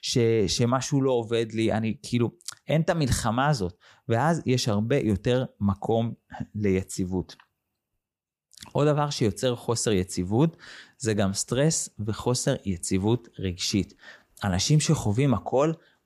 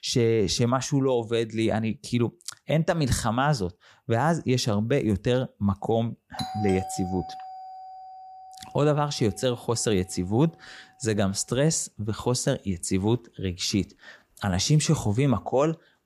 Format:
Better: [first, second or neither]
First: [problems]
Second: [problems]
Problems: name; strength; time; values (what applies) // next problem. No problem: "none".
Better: first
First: none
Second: doorbell; noticeable; from 6.5 to 9 s; peak 8 dB below the speech